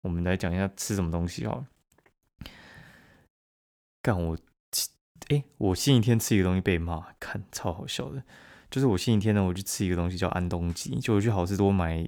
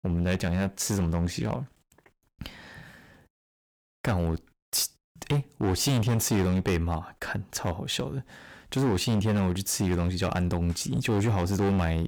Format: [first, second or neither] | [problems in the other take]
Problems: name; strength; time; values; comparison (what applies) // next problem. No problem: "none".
first | distortion; heavy; 10% of the sound clipped